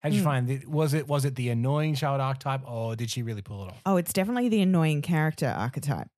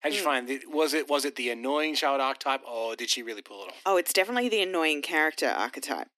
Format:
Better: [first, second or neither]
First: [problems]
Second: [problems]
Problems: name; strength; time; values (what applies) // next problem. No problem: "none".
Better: first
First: none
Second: thin; very; fading below 250 Hz